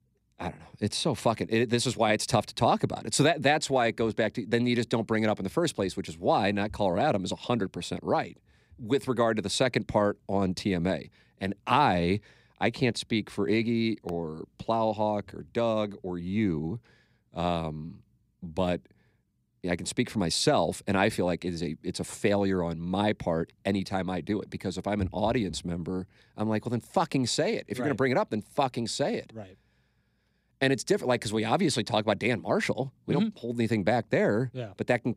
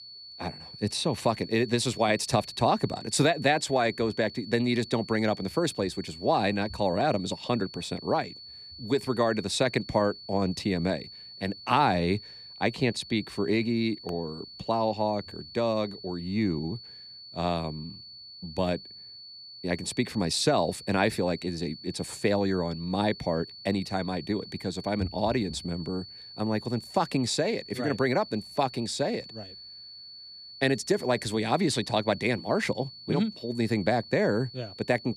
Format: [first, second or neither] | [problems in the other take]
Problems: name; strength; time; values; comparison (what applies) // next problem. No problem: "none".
first | high-pitched whine; noticeable; throughout; 4.5 kHz, 15 dB below the speech